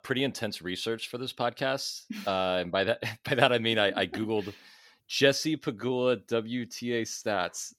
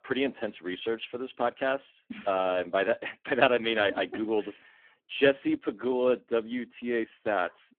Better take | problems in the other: first | phone-call audio; poor line; nothing above 3.5 kHz

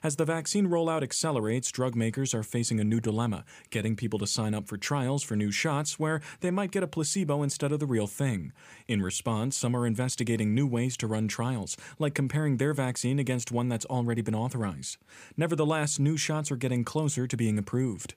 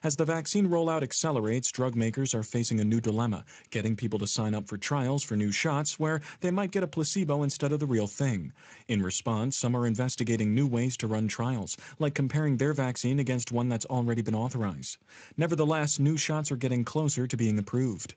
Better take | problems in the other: first | garbled, watery; slightly; nothing above 7.5 kHz

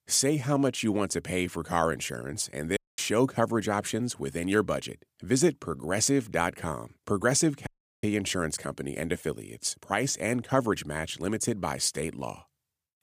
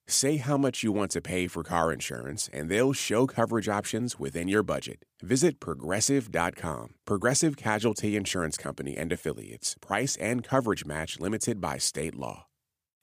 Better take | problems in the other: second | audio cutting out; at 3 s and at 7.5 s

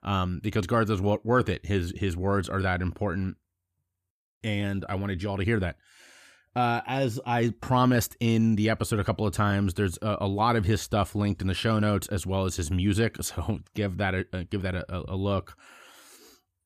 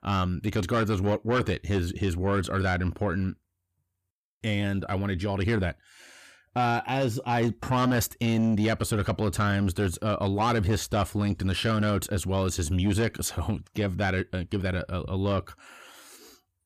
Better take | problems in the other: first | distortion; slight; 10 dB below the speech

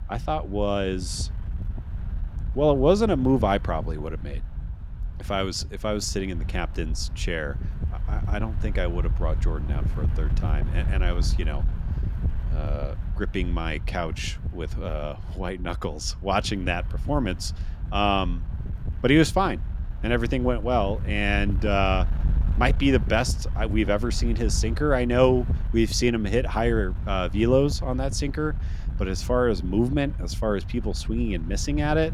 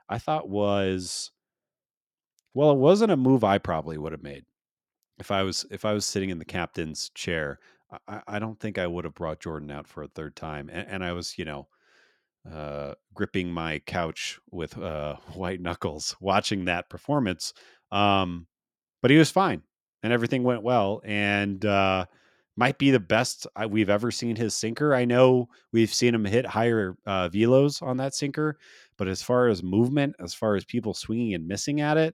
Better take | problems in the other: second | wind noise on the microphone; occasional gusts; 20 dB below the speech

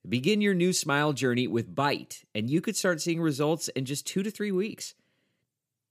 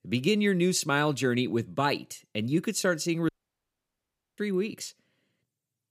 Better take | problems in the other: first | audio cutting out; at 3.5 s for 1 s

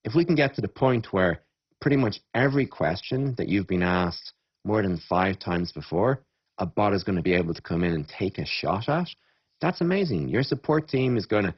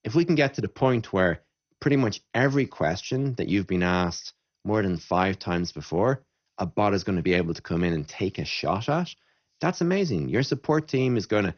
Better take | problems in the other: second | garbled, watery; badly; nothing above 5.5 kHz; slightly in the second

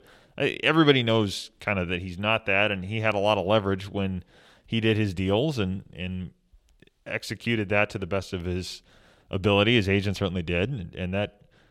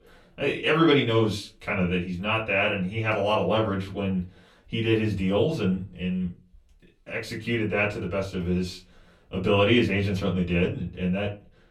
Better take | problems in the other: first | off-mic speech; far // room echo; very slight; dies away in 0.2 s

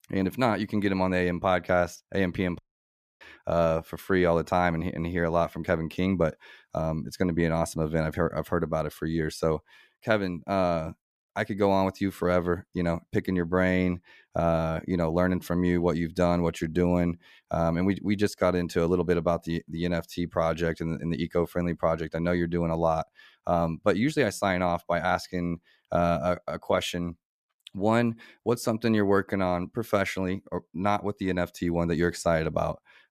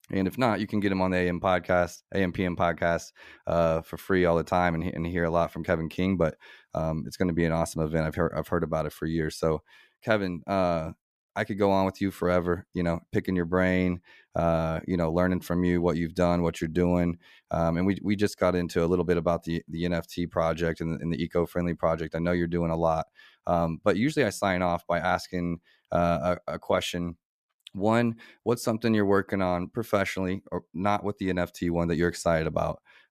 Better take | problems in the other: second | audio cutting out; at 2.5 s for 0.5 s

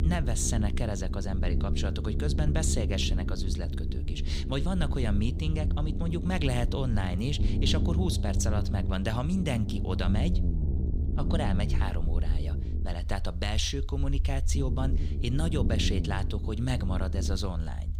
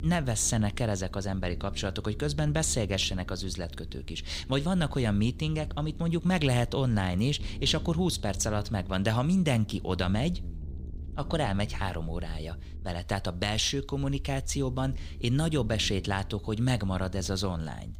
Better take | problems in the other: second | low rumble; loud; throughout; 8 dB below the speech; faint in the second

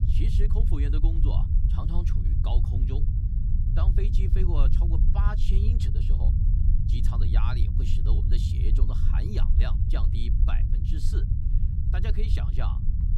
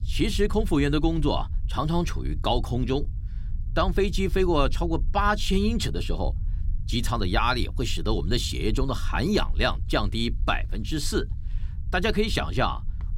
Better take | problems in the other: second | low rumble; loud; throughout; 1 dB below the speech; faint in the second

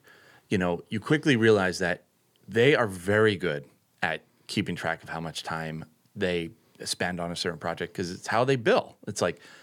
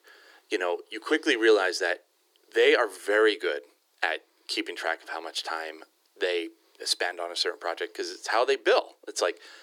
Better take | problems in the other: first | thin; very; fading below 300 Hz

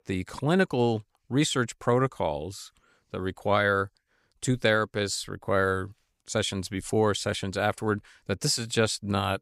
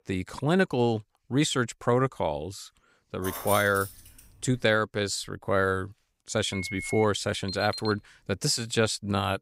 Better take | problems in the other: first | jangling keys; noticeable; at 3 s; peak 6 dB below the speech // phone ringing; noticeable; at 6.5 s; peak 8 dB below the speech // alarm; noticeable; at 7.5 s; peak 8 dB below the speech

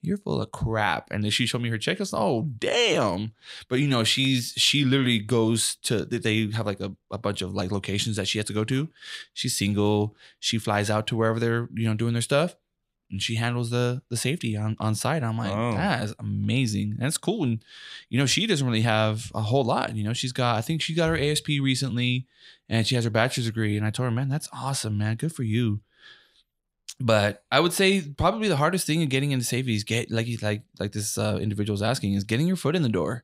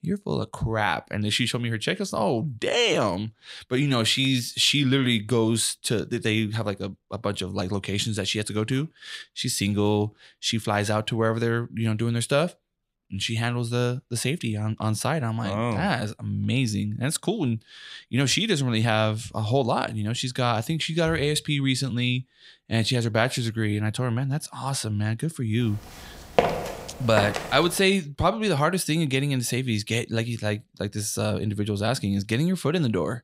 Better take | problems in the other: first | footsteps; loud; from 26 to 27 s; peak 1 dB above the speech

